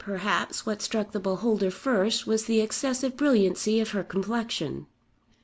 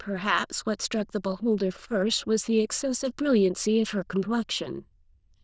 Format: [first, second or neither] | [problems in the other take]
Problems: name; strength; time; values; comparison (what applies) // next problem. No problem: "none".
first | noise reduction (neural diffusion model UNIVERSE++)